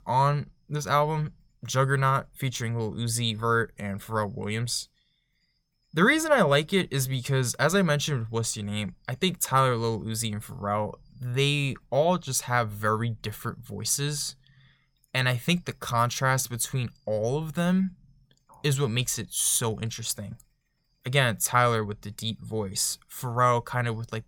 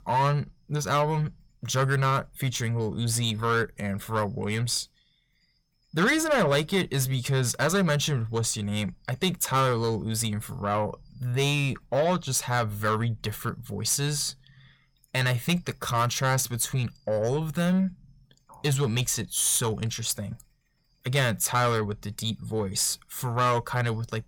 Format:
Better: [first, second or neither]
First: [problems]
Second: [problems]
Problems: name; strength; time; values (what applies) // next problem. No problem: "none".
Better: first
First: none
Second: distortion; slight; 10 dB below the speech